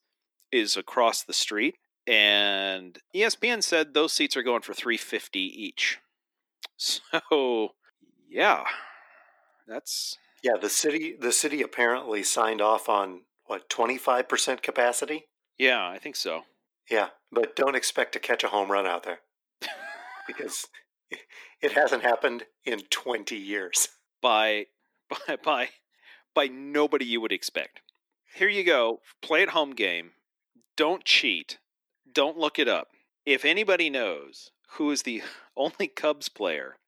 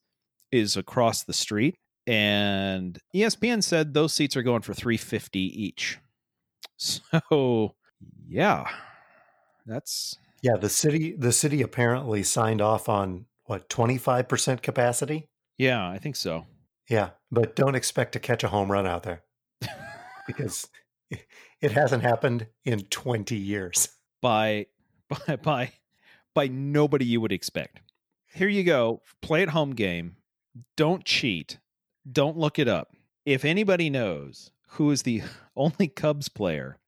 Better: second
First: thin; somewhat; fading below 300 Hz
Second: none

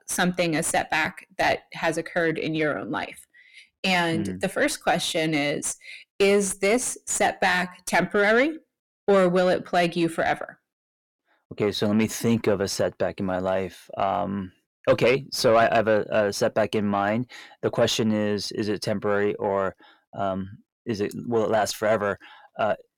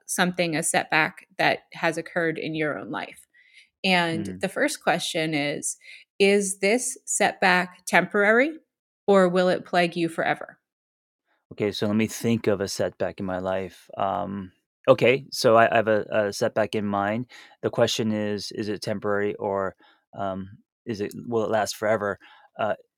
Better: second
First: distortion; slight; 10 dB below the speech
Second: none

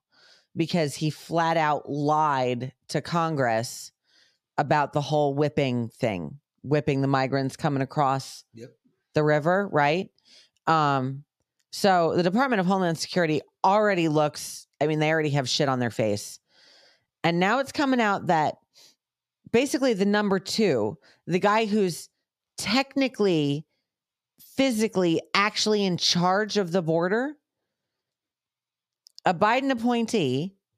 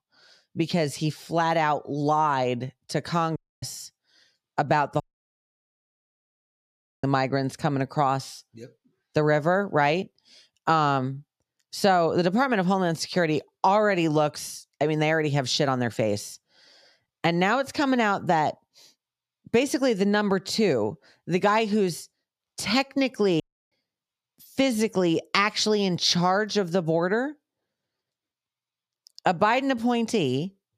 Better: first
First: none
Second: audio cutting out; at 3.5 s, at 5 s for 2 s and at 23 s

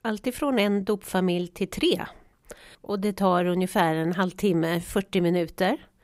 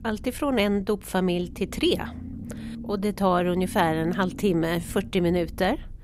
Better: first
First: none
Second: low rumble; faint; throughout; 20 dB below the speech

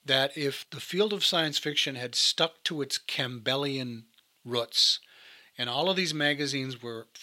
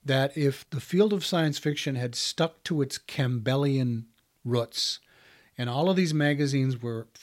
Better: second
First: thin; somewhat; fading below 600 Hz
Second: none

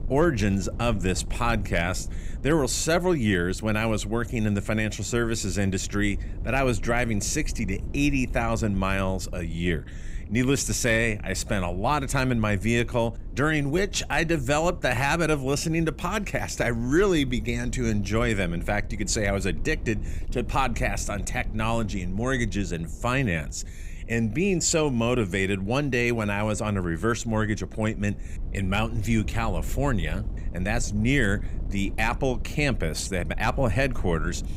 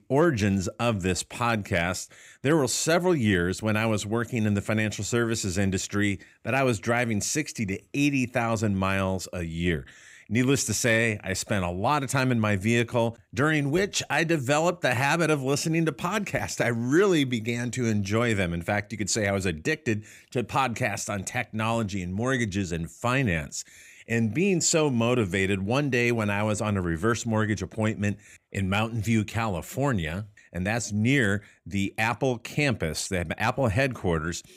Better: second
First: wind noise on the microphone; occasional gusts; 25 dB below the speech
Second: none

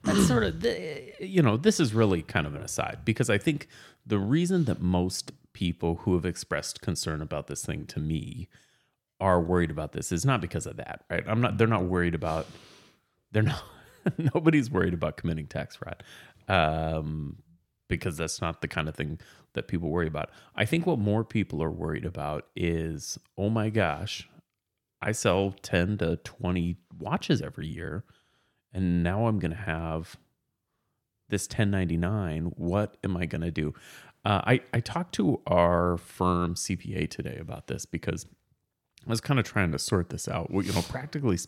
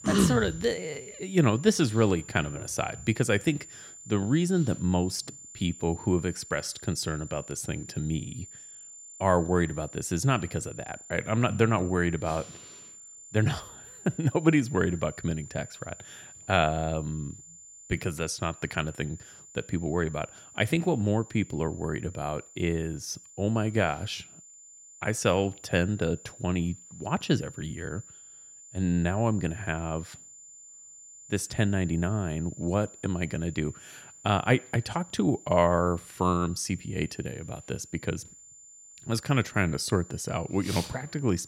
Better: first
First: none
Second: high-pitched whine; noticeable; throughout; 7 kHz, 15 dB below the speech

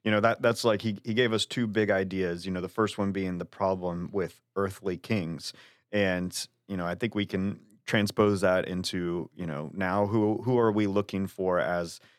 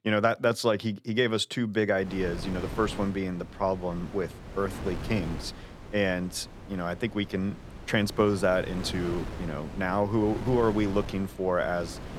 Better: first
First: none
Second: wind noise on the microphone; occasional gusts; from 2 s on; 15 dB below the speech

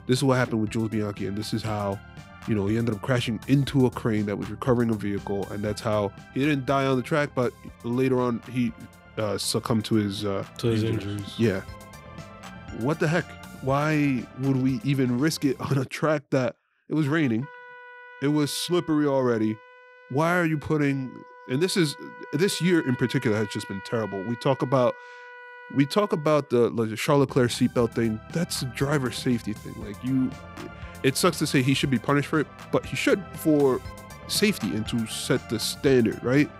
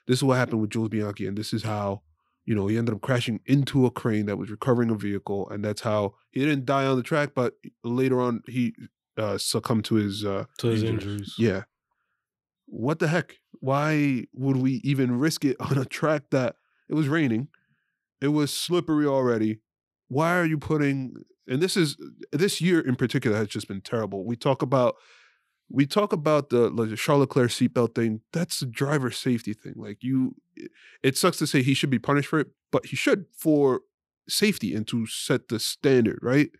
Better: second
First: background music; noticeable; throughout; 20 dB below the speech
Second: none

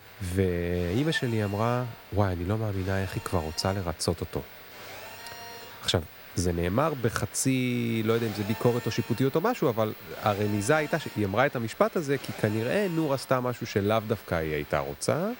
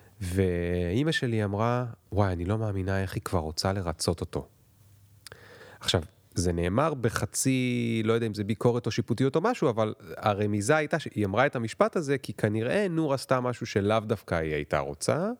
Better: second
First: alarms or sirens; noticeable; throughout; 15 dB below the speech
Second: none

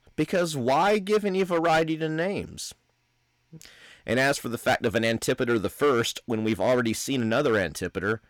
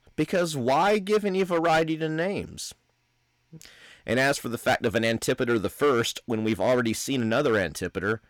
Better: neither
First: distortion; slight; 5% of the sound clipped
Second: distortion; slight; 5% of the sound clipped

